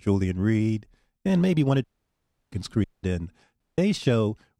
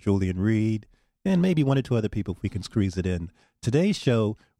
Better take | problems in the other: second | audio cutting out; at 2 s for 0.5 s, at 3 s and at 3.5 s

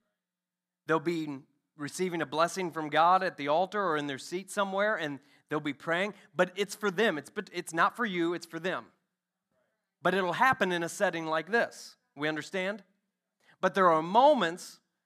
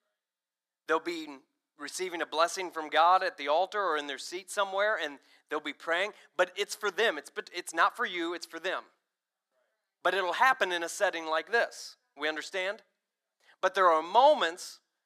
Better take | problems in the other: first | thin; somewhat; fading below 400 Hz

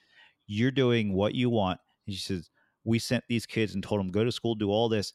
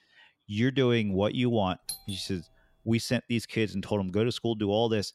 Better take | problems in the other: first | doorbell; noticeable; at 2 s; peak 9 dB below the speech

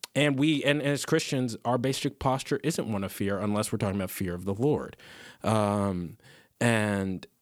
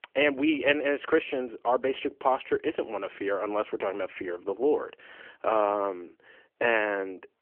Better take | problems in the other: first | phone-call audio; nothing above 3 kHz

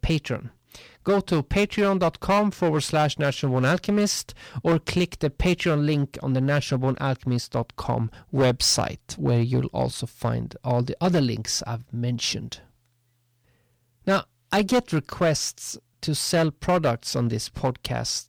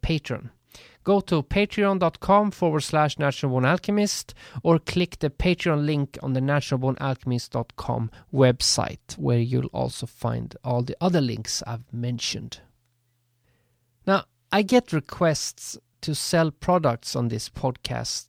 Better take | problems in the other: second | distortion; slight; 5% of the sound clipped

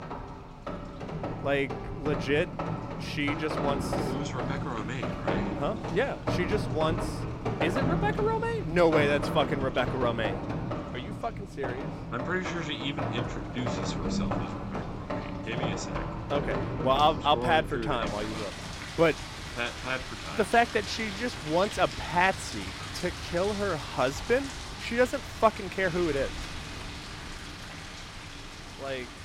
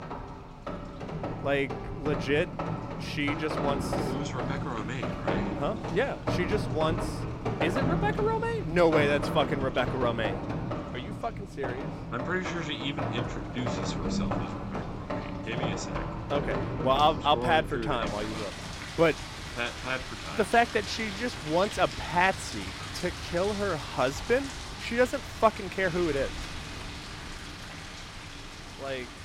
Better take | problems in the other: neither | rain or running water; loud; throughout; 5 dB below the speech; the same in both

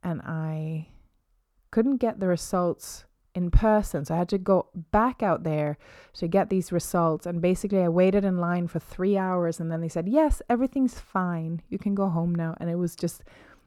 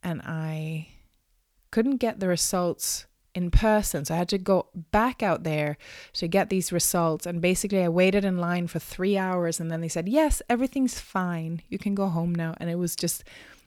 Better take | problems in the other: second | muffled; slightly; fading above 1.5 kHz

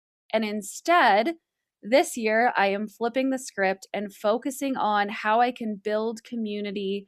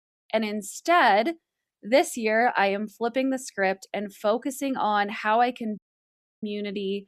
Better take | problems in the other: first | audio cutting out; at 6 s for 0.5 s

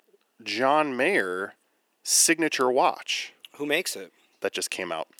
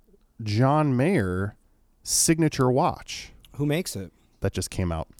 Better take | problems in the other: second | thin; somewhat; fading below 350 Hz

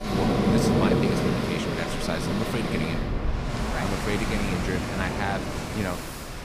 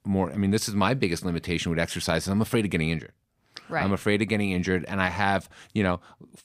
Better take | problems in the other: second | rain or running water; very loud; throughout; 4 dB above the speech

